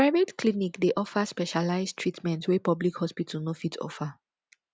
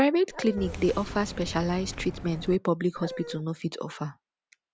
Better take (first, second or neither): first